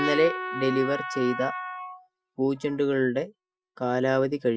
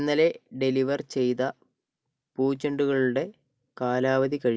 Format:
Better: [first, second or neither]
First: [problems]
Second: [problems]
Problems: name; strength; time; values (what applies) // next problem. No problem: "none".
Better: second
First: noise reduction (classical method Wiener filter)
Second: none